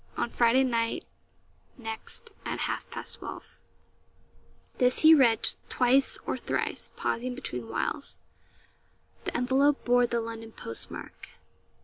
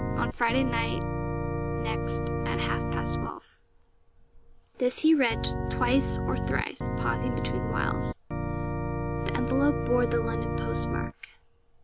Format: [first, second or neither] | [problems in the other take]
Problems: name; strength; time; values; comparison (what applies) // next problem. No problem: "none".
first | background sound (Organ); 1 dB above the speech